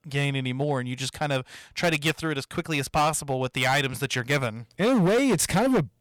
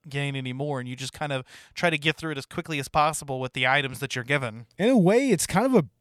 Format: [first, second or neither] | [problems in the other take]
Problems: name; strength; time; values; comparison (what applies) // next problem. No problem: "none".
second | distortion; heavy; 10% of the sound clipped